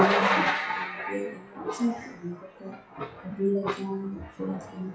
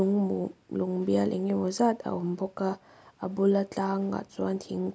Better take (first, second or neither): second